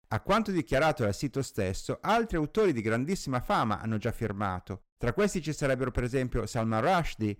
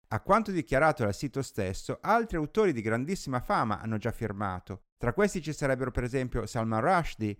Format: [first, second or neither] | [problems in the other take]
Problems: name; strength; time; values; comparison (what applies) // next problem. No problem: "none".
second | distortion; slight; 5% of the sound clipped